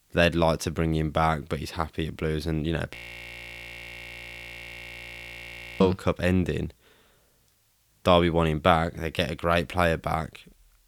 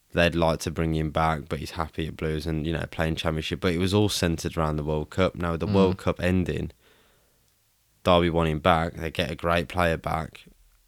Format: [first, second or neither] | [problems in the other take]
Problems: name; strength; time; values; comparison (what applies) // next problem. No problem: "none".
second | audio freezing; at 3 s for 3 s